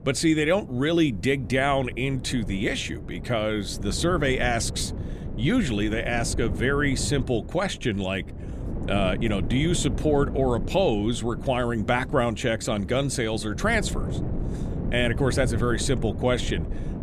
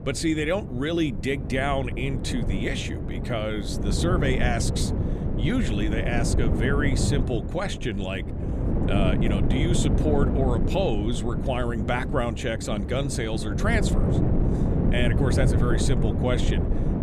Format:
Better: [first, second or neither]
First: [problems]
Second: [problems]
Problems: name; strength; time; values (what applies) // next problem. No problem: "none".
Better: first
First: wind noise on the microphone; occasional gusts; 15 dB below the speech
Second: wind noise on the microphone; heavy; 5 dB below the speech